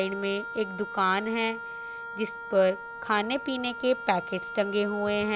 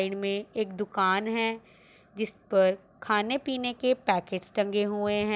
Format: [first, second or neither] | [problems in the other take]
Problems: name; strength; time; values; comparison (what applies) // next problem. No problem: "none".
second | background sound (Wind instrument, woodwind instrument); 10 dB below the speech